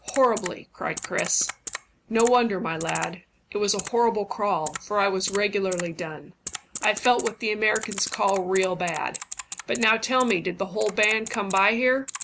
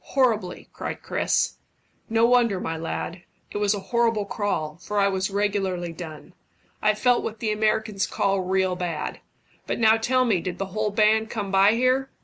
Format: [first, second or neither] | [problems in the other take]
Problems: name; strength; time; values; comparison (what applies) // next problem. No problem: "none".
second | background sound (Typing); 13 dB below the speech